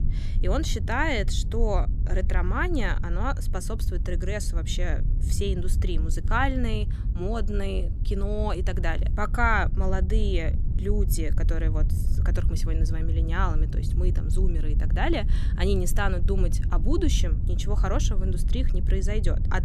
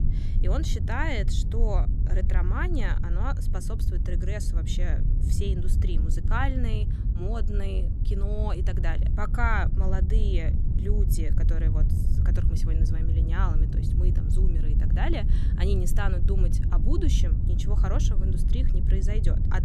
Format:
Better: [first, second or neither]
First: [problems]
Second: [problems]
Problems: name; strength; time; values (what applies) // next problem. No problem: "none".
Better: first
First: wind noise on the microphone; occasional gusts; 15 dB below the speech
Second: wind noise on the microphone; heavy; 7 dB below the speech